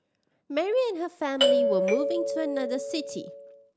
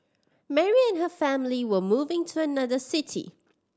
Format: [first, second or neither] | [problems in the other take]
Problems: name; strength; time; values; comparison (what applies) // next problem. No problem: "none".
second | background sound (Doorbell); 4 dB above the speech